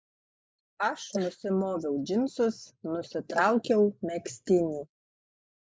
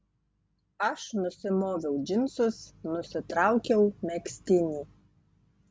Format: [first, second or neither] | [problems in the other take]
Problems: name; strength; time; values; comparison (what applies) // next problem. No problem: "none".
second | noise reduction (neural mask model Resemble Enhance denoiser)